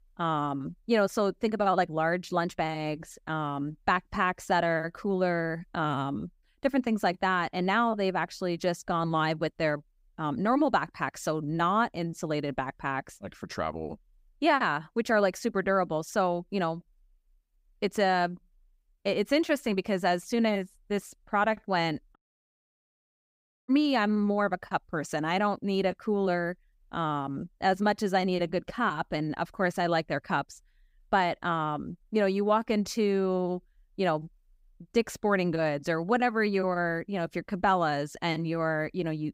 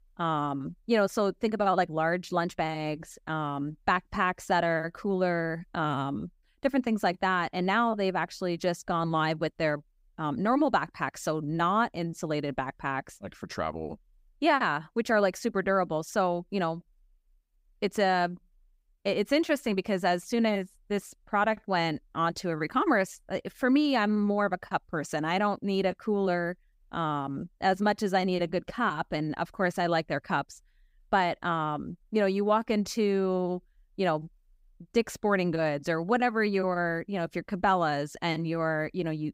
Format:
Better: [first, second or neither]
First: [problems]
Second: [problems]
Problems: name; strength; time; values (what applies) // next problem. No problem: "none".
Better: second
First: audio cutting out; at 22 s for 1.5 s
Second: none